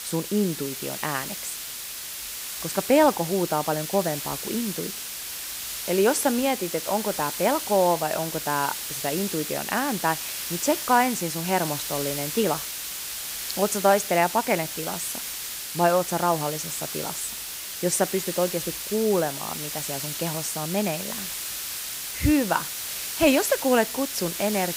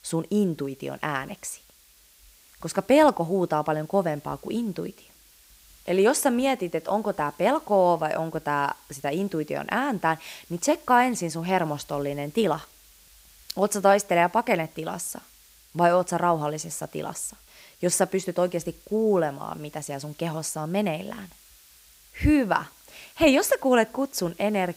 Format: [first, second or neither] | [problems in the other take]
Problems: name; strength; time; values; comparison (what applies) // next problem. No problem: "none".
second | hiss; loud; throughout; 5 dB below the speech; faint in the second